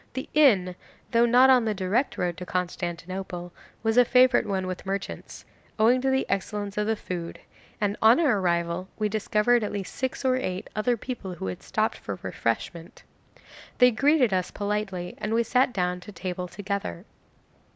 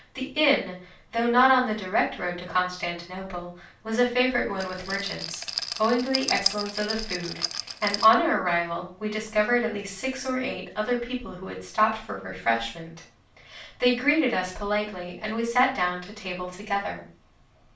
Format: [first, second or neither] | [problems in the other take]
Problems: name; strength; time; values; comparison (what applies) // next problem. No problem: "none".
first | background sound (Rattle); 6 dB below the speech // room echo; dies away in 0.3 s